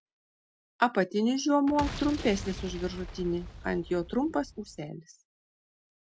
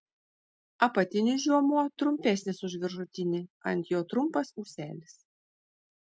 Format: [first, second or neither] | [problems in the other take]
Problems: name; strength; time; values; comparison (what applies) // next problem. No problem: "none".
second | background sound (Boom); 11 dB below the speech